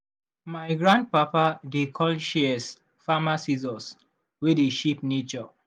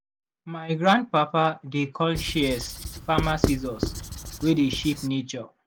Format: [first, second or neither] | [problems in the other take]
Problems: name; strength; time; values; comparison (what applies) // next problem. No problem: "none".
first | background sound (Writing); 5 dB below the speech